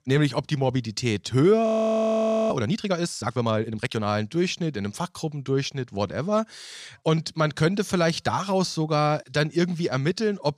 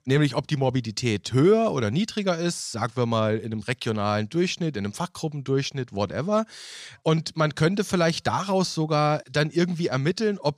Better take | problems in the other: second | audio freezing; at 1.5 s for 1 s

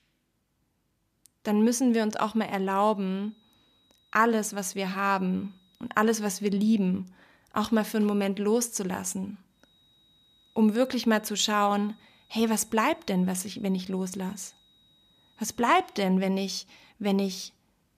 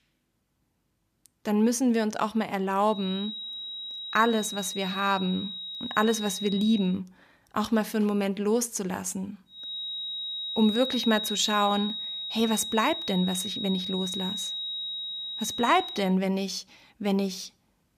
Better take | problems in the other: first | high-pitched whine; loud; from 3 to 7 s and from 9.5 to 16 s; 4 kHz, 5 dB below the speech; faint in the first

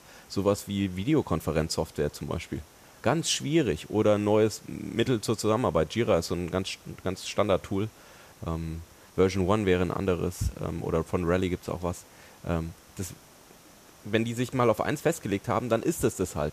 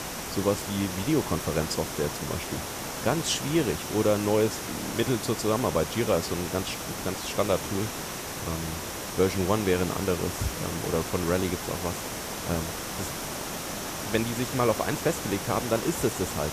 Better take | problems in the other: first | hiss; loud; throughout; 4 dB below the speech; faint in the first

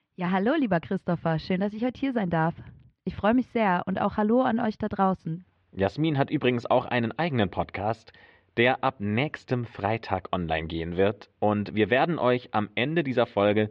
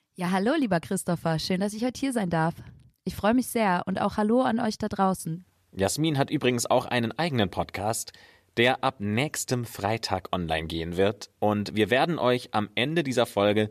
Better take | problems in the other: second | muffled; very; fading above 3 kHz

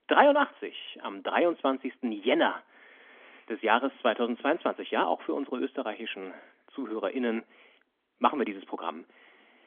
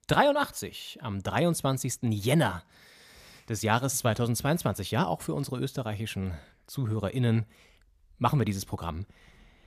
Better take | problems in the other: second | phone-call audio; nothing above 3.5 kHz

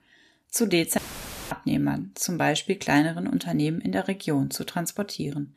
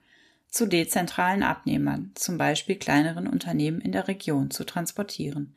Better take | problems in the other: second | audio cutting out; filled with static; at 1 s for 0.5 s

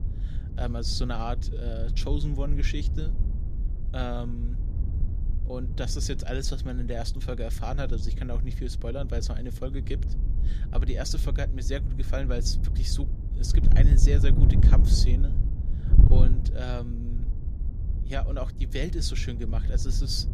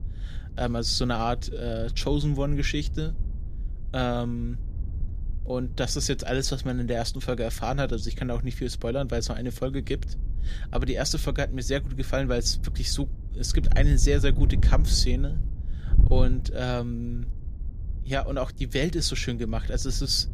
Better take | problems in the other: second | wind noise on the microphone; heavy; 8 dB below the speech; occasional gusts in the second

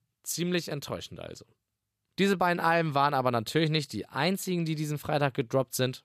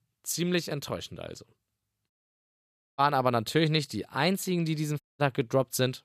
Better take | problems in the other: first | audio cutting out; at 2 s for 1 s and at 5 s

